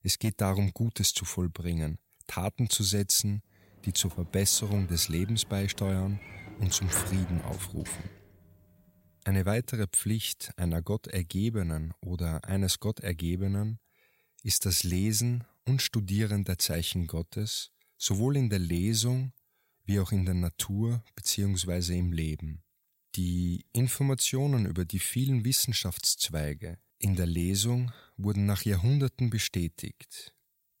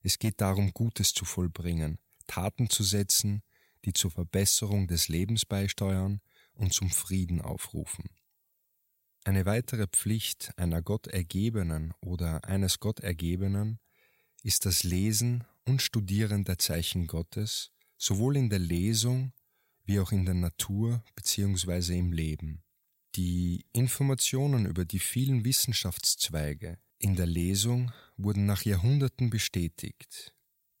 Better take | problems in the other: second | door banging; noticeable; from 4 to 8 s; peak 7 dB below the speech

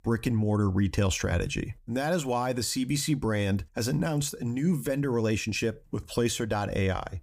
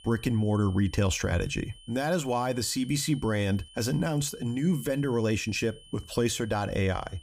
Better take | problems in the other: first | high-pitched whine; faint; throughout; 3 kHz, 20 dB below the speech

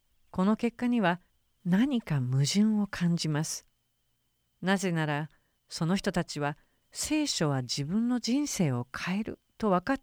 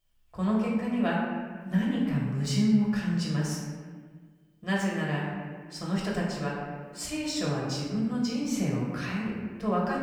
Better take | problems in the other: first | room echo; noticeable; dies away in 1.4 s // off-mic speech; far

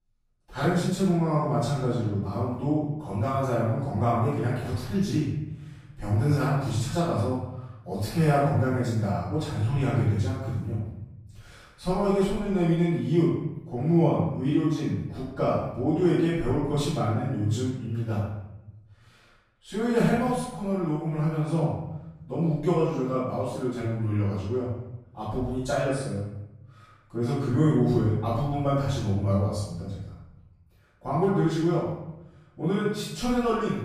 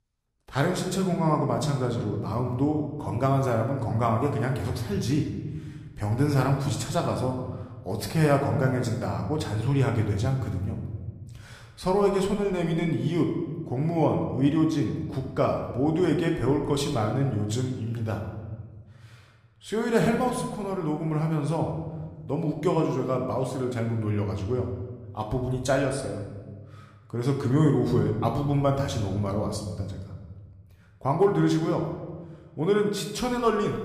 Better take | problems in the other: second | room echo; strong; dies away in 0.9 s; slight in the second // off-mic speech; far

